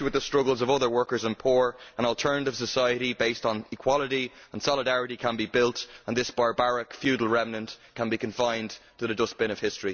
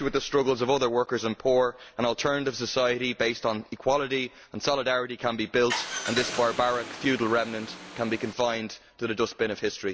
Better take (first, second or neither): first